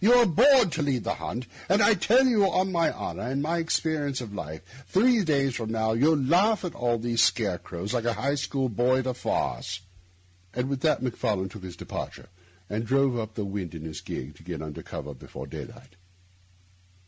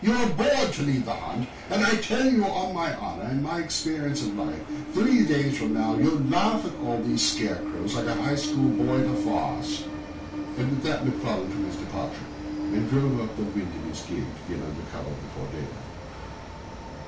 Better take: first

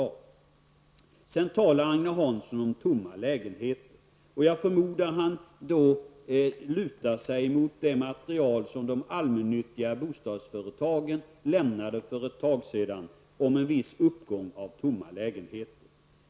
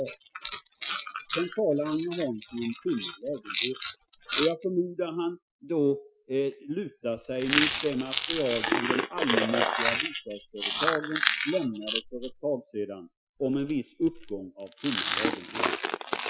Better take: first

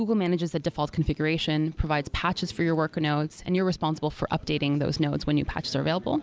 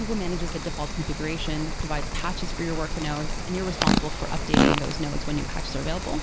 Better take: first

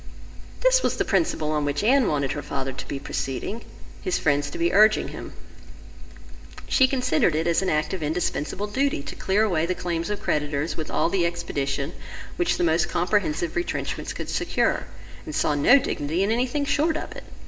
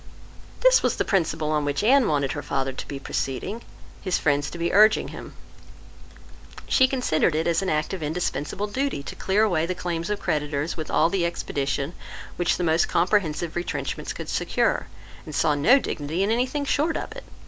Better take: second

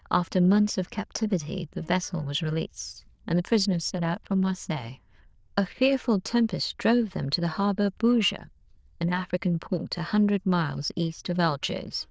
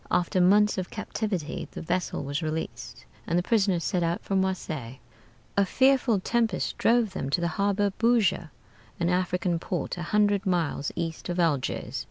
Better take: second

